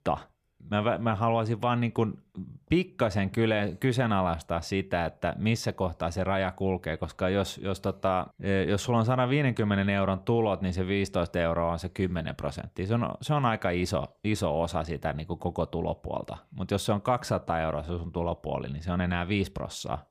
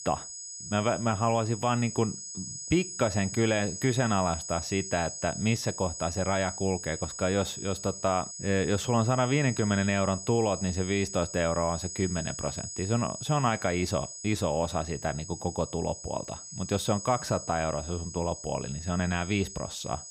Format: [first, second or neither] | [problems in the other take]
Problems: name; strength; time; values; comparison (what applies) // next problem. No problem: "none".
first | high-pitched whine; loud; throughout; 6.5 kHz, 8 dB below the speech